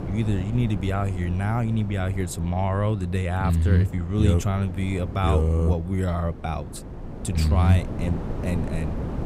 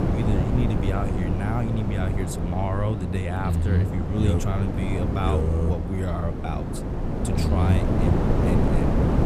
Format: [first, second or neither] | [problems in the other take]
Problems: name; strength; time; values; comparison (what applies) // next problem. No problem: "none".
first | wind noise on the microphone; heavy; as loud as the speech; occasional gusts in the first